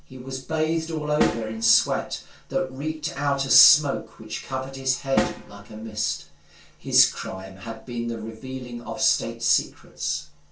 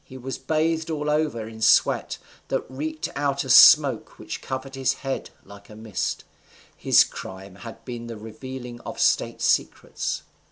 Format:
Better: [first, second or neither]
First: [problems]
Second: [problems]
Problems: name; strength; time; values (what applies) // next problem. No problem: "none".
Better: second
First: background sound (Snare drum); 7 dB below the speech // room echo; dies away in 0.2 s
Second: none